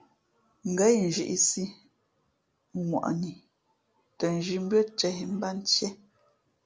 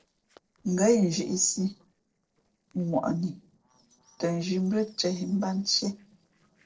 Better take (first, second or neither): first